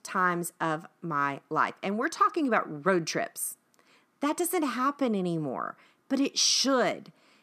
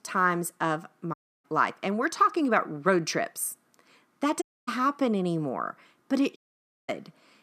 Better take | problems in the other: first | audio cutting out; at 1 s, at 4.5 s and at 6.5 s for 0.5 s

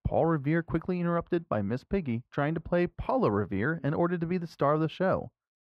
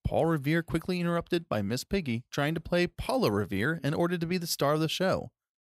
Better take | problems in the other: second | muffled; very; fading above 4 kHz

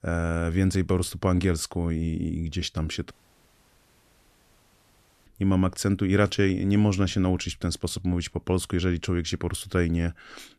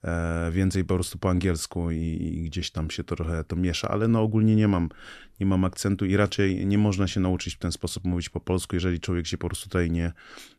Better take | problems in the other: second | audio cutting out; at 3 s for 2 s

